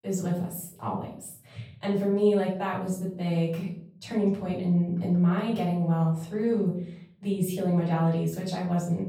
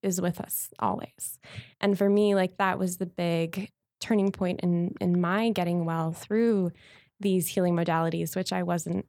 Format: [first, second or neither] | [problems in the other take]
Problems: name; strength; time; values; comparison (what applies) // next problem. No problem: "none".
second | off-mic speech; far // room echo; noticeable; dies away in 0.6 s